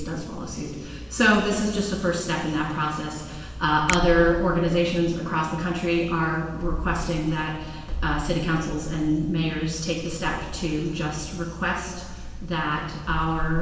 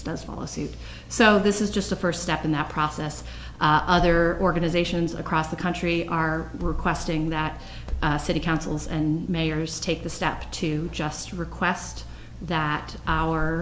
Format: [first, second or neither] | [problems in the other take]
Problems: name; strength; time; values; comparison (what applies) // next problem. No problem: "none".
second | background sound (Finger snapping); 11 dB below the speech // room echo; dies away in 1.3 s